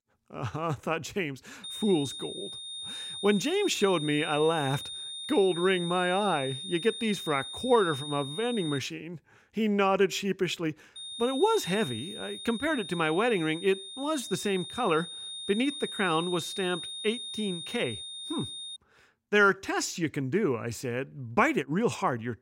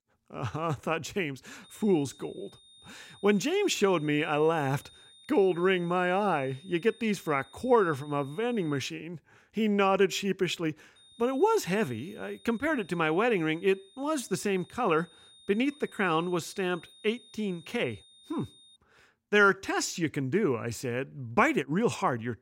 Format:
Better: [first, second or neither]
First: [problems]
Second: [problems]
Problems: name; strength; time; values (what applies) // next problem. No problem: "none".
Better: second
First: high-pitched whine; loud; from 1.5 to 9 s and from 11 to 19 s; 3.5 kHz, 8 dB below the speech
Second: high-pitched whine; faint; from 1.5 to 9 s and from 11 to 19 s; 3.5 kHz, 25 dB below the speech